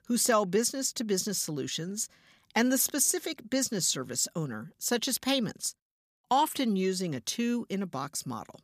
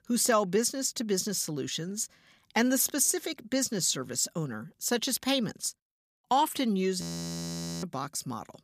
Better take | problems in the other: first | audio freezing; at 7 s for 1 s

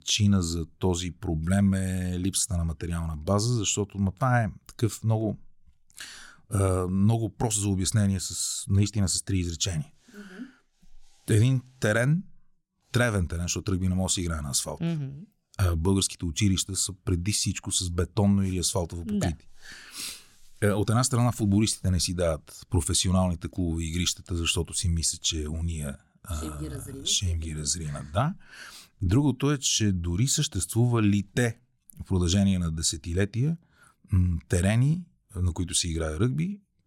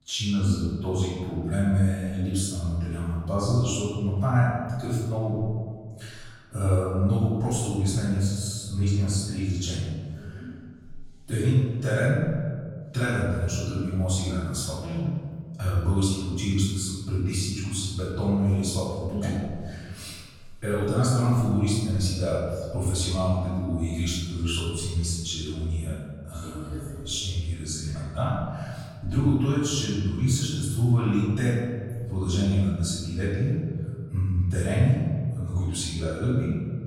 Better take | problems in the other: first | room echo; strong; dies away in 1.8 s // off-mic speech; far

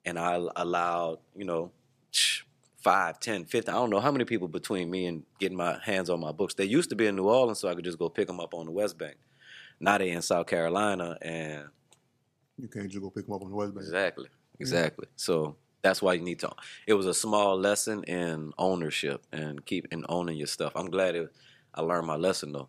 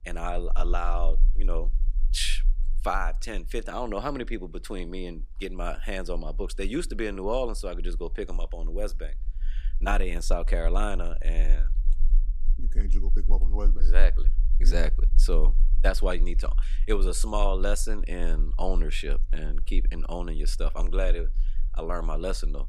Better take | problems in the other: first | low rumble; faint; throughout; 25 dB below the speech

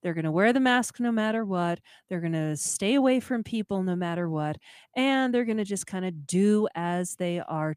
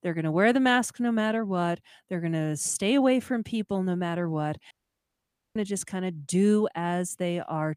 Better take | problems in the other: first | audio cutting out; at 4.5 s for 1 s

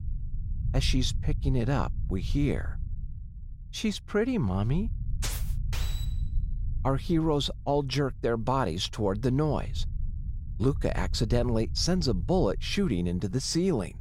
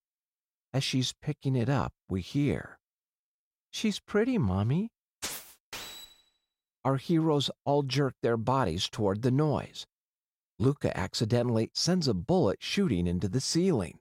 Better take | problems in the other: second | low rumble; faint; throughout; 20 dB below the speech

